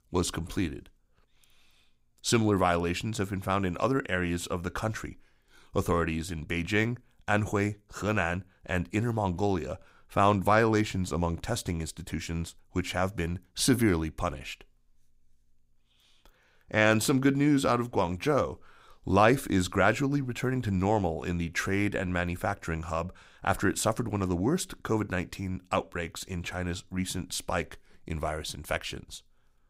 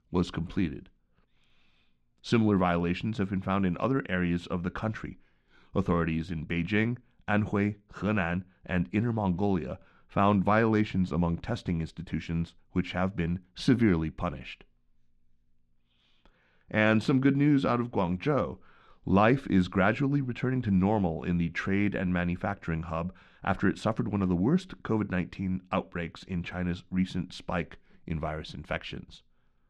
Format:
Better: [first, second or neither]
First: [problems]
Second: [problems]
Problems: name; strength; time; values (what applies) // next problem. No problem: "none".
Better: first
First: none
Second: muffled; slightly; fading above 3 kHz